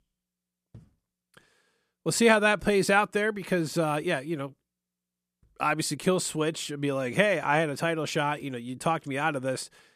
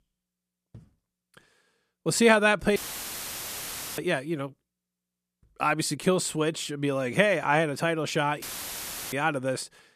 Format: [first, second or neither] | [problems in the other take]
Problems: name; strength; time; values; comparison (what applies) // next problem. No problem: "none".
first | audio cutting out; filled with static; at 3 s for 1 s and at 8.5 s for 0.5 s